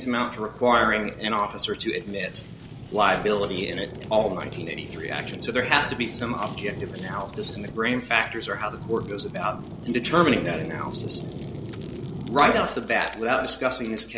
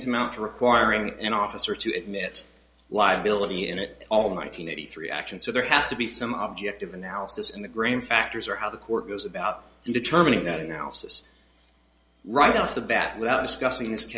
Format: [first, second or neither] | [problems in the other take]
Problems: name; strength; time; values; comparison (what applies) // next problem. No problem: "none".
second | background sound (Fire); 11 dB below the speech